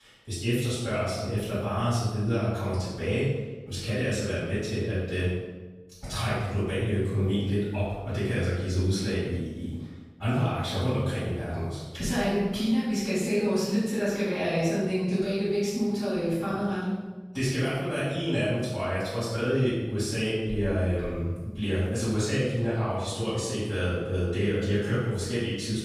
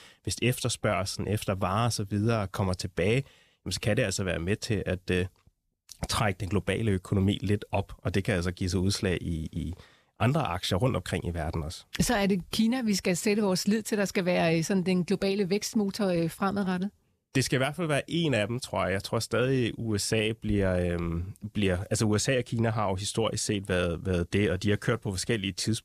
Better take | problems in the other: second | room echo; strong; dies away in 1 s // off-mic speech; far

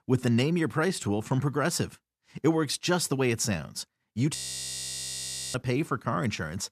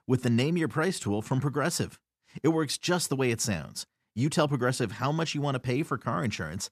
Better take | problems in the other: second | audio freezing; at 4.5 s for 1 s

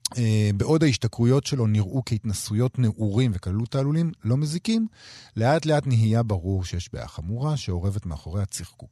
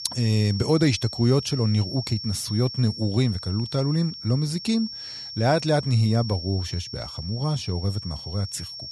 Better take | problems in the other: first | high-pitched whine; loud; throughout; 5.5 kHz, 9 dB below the speech

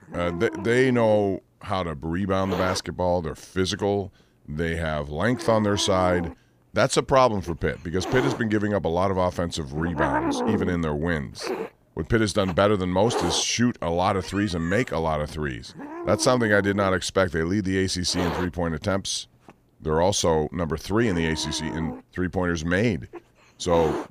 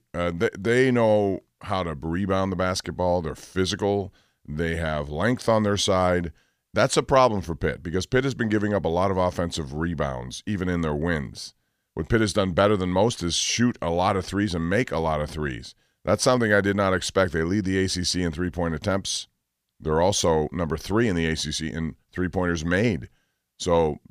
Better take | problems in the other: second | hiss; loud; throughout; 9 dB below the speech

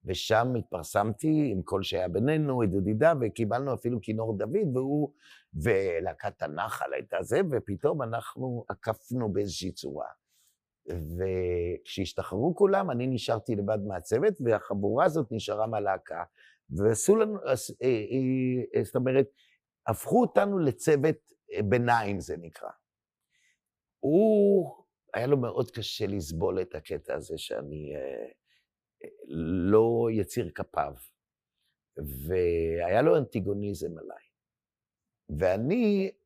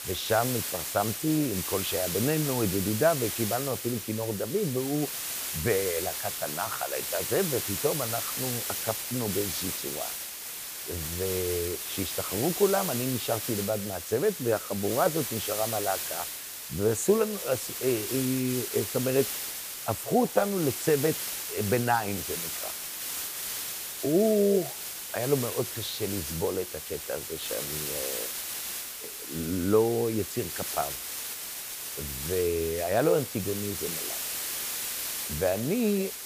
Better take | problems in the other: first | hiss; loud; throughout; 3 dB below the speech

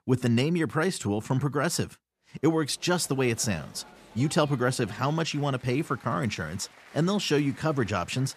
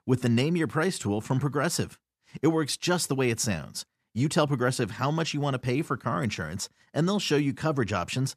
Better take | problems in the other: second | crowd noise; faint; from 3 s on; 25 dB below the speech

